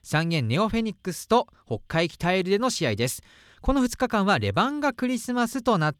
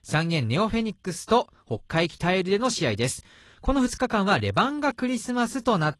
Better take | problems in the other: first | garbled, watery; slightly; nothing above 11.5 kHz

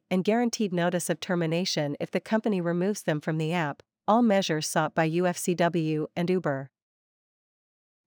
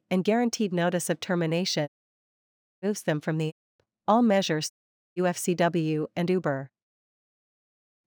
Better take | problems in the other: first | audio cutting out; at 2 s for 1 s, at 3.5 s and at 4.5 s

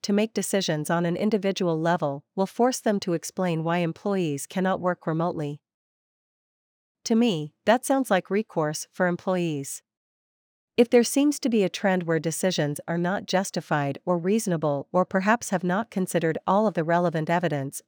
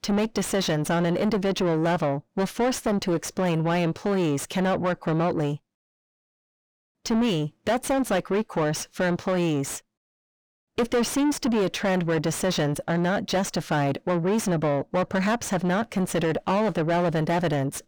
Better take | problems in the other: first | distortion; heavy; 6 dB below the speech

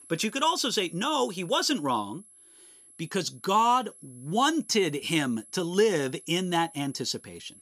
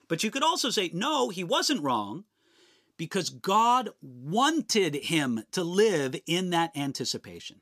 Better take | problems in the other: second | high-pitched whine; faint; throughout; 11 kHz, 20 dB below the speech

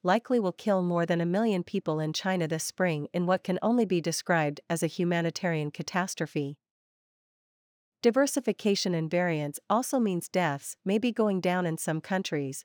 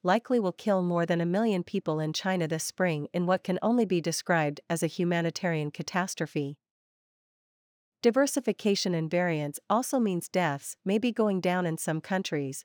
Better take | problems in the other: neither | none

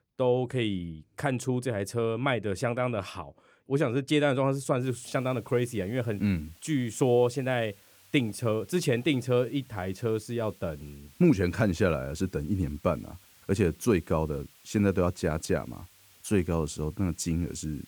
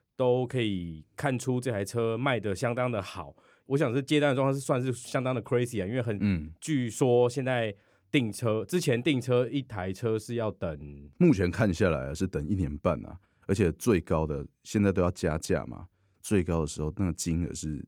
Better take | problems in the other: second | hiss; faint; from 5 s on; 25 dB below the speech

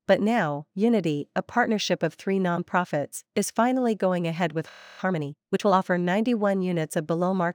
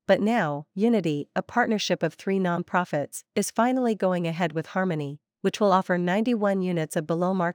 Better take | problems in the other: second | audio freezing; at 4.5 s

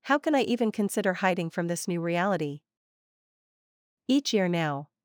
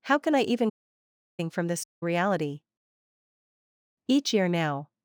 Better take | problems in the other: first | audio cutting out; at 0.5 s for 0.5 s and at 2 s

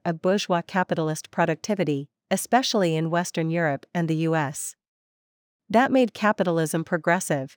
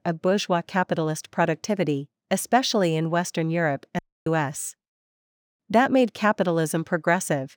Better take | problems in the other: first | audio cutting out; at 4 s

